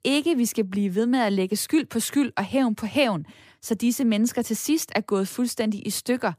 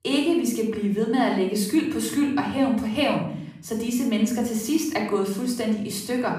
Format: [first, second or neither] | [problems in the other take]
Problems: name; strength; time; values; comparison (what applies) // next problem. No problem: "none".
first | off-mic speech; far // room echo; noticeable; dies away in 0.7 s